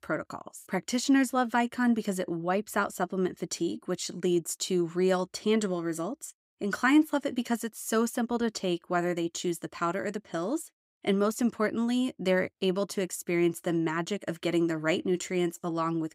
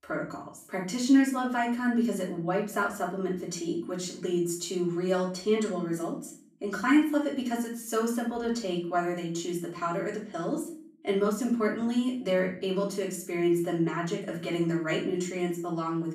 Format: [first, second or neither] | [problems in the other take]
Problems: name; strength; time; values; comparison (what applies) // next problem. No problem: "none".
first | off-mic speech; far // room echo; slight; dies away in 0.4 s